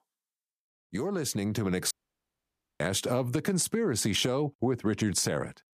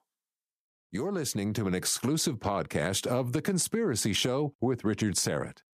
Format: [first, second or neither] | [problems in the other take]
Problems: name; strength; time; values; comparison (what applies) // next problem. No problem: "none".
second | audio cutting out; at 2 s for 1 s